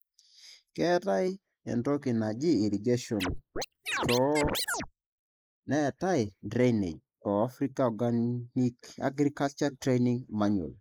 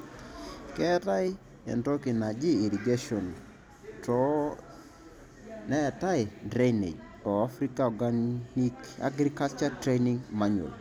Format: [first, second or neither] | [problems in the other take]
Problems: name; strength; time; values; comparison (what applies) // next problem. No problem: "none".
second | noise reduction (neural mask model Resemble Enhance denoiser)